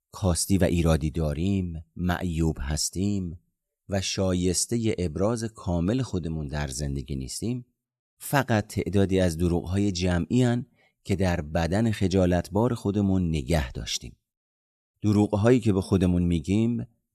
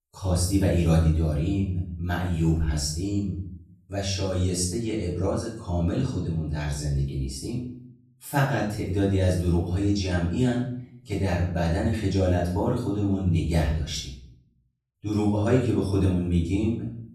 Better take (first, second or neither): first